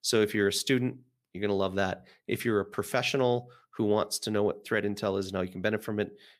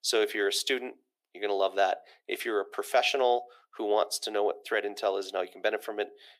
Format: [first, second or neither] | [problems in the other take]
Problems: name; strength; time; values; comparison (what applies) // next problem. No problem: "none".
first | thin; very; fading below 350 Hz